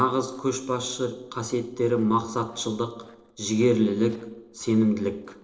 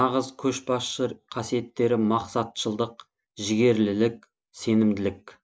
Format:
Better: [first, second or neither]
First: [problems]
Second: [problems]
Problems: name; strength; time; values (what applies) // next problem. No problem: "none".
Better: second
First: noise reduction (neural separator model SepFormer DNS4)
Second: none